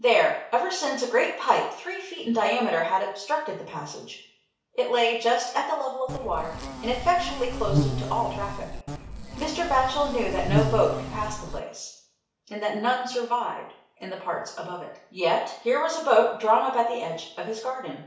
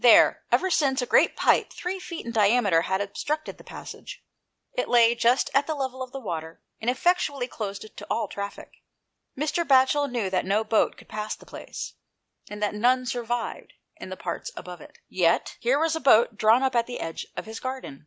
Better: second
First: background sound (Insect); 4 dB below the speech // room echo; dies away in 0.6 s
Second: none

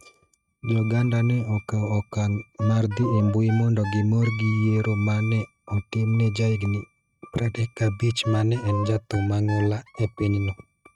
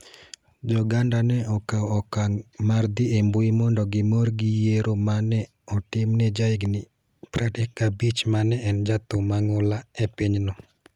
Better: second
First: noise reduction (neural mask model RNNoise)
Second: none

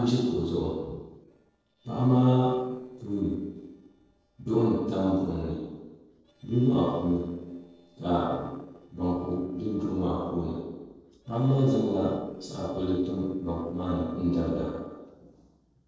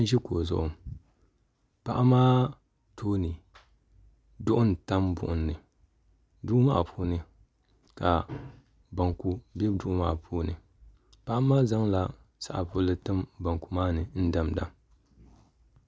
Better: second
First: noise reduction (neural separator model SepFormer DNS4)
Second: none

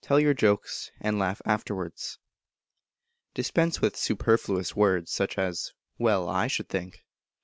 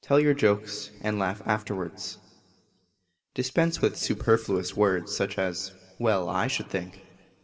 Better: first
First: none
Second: room echo; dies away in 1.8 s

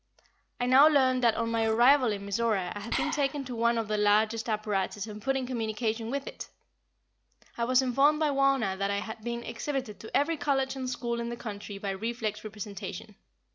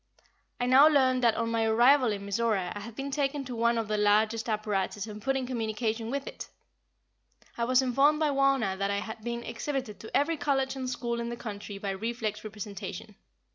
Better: second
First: background sound (Liquid); 12 dB below the speech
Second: none

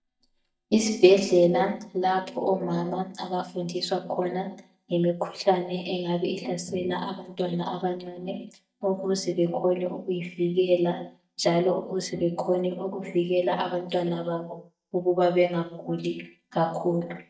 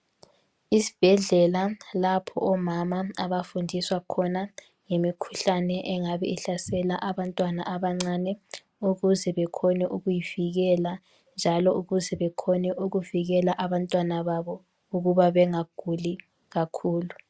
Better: second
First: noise reduction (neural mask model DeepFilterNet 3)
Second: none

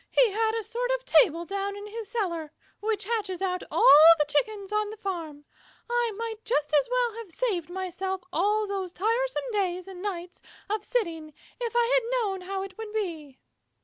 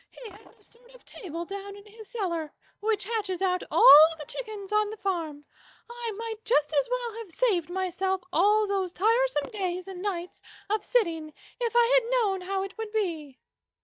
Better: first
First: none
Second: noise reduction (neural mask model DeepFilterNet 3)

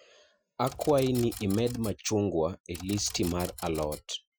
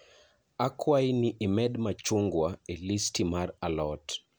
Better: second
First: noise reduction (classical method Wiener filter)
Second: none

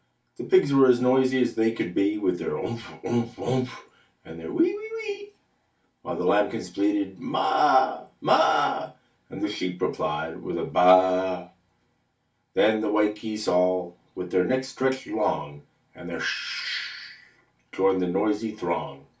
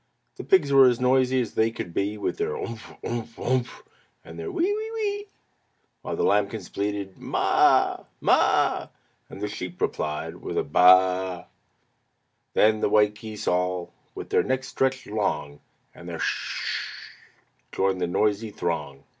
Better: second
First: room echo; dies away in 0.2 s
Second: none

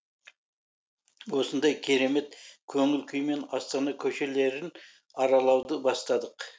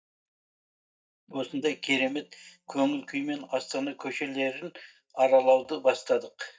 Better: first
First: none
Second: noise reduction (neural mask model DeepFilterNet 3)

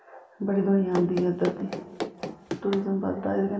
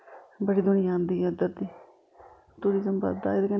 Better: second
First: background sound (Run); 8 dB below the speech // room echo; dies away in 2.2 s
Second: none

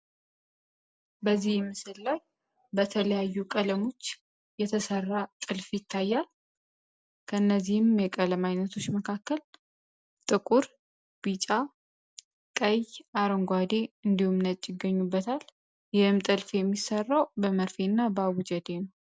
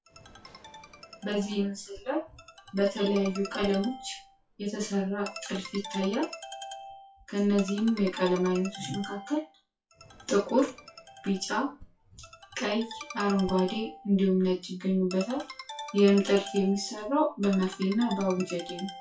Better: first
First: none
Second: noise reduction (classical method WPE with log-MMSE)

